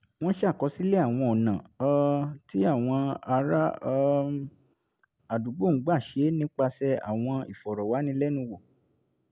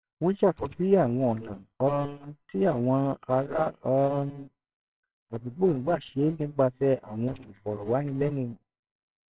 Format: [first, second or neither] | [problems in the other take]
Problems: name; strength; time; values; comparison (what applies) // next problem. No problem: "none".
first | noise reduction (neural separator model SepFormer WHAMR!)